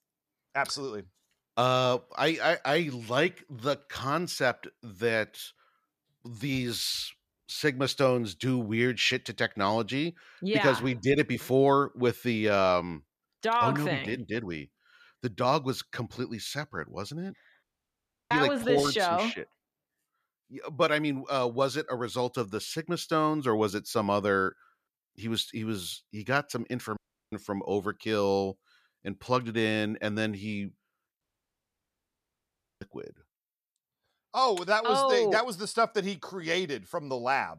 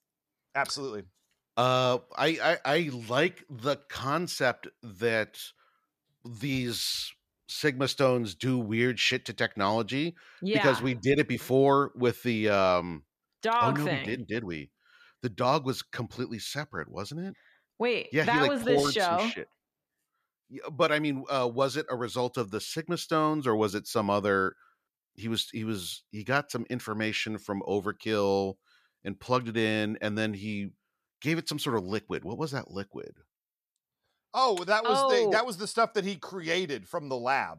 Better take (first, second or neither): second